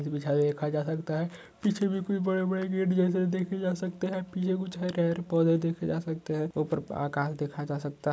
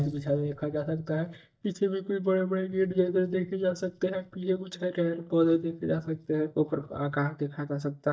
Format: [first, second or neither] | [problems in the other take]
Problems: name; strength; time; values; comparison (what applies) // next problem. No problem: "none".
first | noise reduction (neural mask model DeepFilterNet 3)